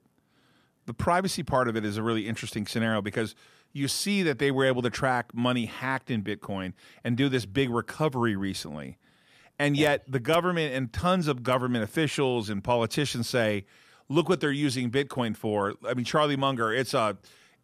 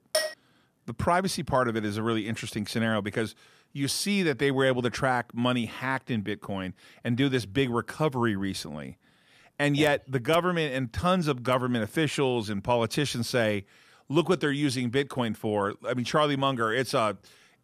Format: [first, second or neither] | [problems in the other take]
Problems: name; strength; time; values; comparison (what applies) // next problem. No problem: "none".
first | clattering dishes; noticeable; at the start; peak 1 dB below the speech